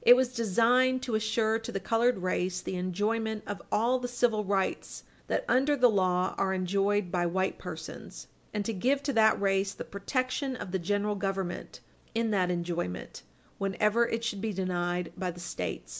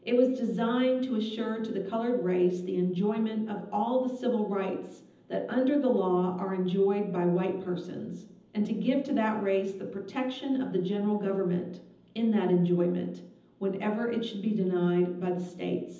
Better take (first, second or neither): first